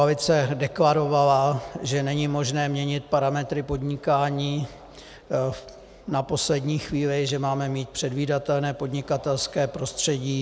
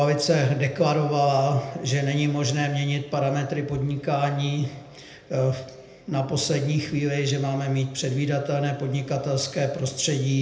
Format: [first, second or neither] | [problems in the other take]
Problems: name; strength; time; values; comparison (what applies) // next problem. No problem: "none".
first | room echo; dies away in 0.7 s